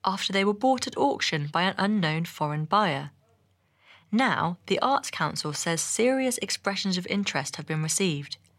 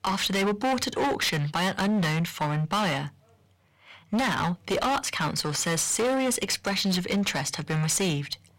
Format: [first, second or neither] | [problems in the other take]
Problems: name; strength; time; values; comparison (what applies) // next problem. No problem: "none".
first | distortion; heavy; 20% of the sound clipped